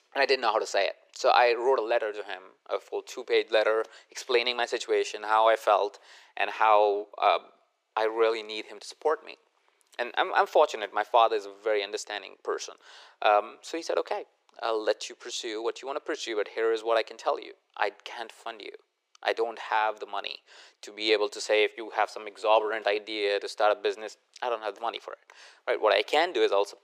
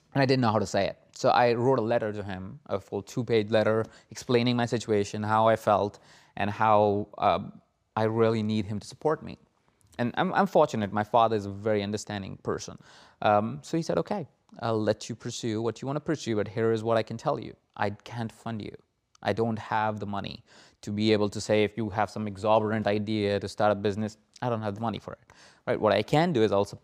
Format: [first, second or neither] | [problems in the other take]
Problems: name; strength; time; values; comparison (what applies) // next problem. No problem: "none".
second | thin; very; fading below 400 Hz